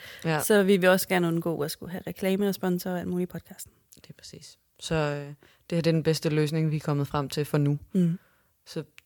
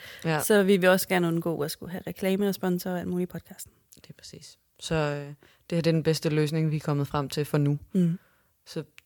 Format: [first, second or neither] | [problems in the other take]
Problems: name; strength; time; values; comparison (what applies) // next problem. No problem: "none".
neither | none